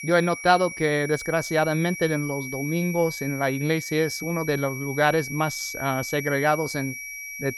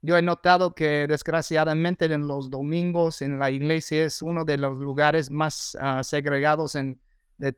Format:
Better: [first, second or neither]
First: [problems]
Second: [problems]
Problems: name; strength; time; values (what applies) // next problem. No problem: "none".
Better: second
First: high-pitched whine; loud; throughout; 2.5 kHz, 9 dB below the speech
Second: none